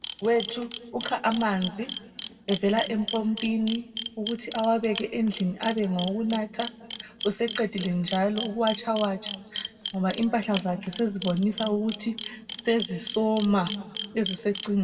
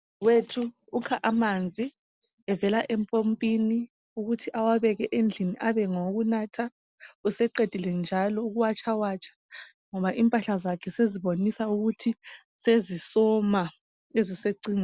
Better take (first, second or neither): second